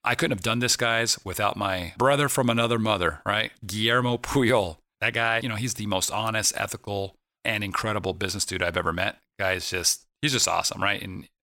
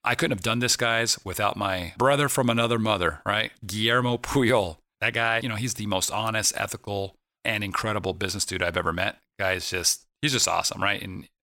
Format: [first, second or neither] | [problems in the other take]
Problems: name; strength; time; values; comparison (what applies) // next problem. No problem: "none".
neither | none